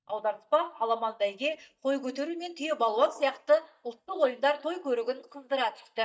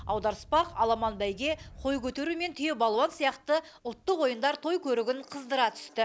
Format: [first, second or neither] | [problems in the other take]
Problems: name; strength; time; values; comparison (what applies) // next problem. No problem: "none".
second | noise reduction (neural mask model DeepFilterNet 3)